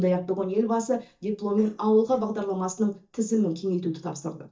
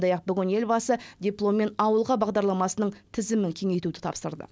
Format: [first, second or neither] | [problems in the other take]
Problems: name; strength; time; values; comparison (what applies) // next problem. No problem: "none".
second | noise reduction (neural mask model DeepFilterNet 3)